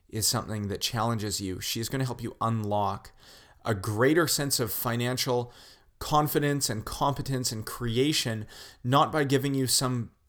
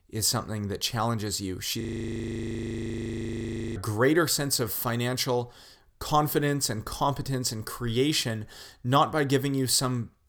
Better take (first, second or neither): first